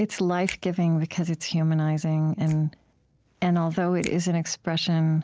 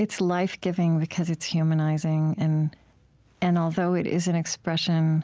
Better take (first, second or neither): second